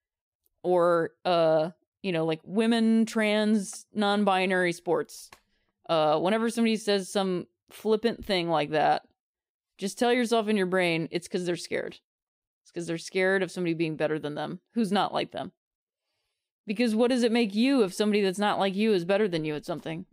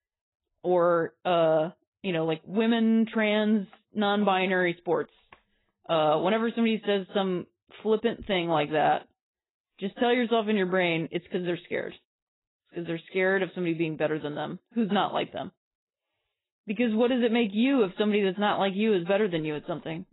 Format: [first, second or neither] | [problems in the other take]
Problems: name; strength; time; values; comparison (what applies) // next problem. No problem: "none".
first | garbled, watery; badly; nothing above 4 kHz